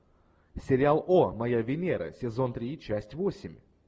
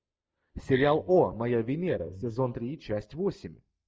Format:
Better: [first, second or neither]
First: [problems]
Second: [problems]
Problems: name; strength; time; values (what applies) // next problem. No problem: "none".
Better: first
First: none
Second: noise reduction (neural mask model DeepFilterNet 3)